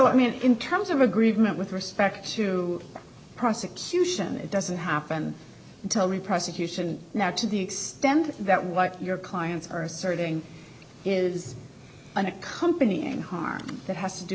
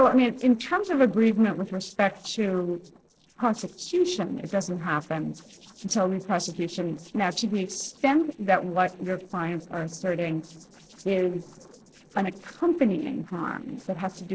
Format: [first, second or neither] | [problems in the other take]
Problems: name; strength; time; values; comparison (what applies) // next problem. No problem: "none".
first | noise reduction (neural separator model SepFormer DNS4)